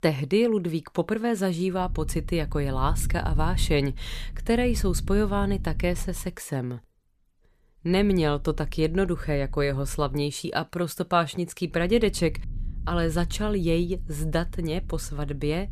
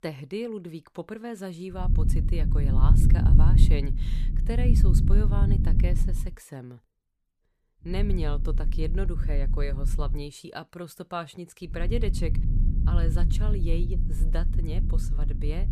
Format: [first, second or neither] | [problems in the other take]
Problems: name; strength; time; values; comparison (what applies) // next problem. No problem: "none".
first | low rumble; loud; from 2 to 6 s, from 8 to 10 s and from 12 s on; 3 dB below the speech; faint in the first